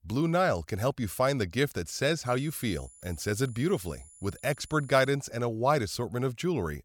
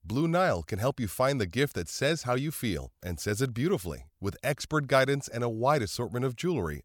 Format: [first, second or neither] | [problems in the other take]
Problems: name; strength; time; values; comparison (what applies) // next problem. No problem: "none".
second | high-pitched whine; faint; from 2.5 to 5 s; 10 kHz, 25 dB below the speech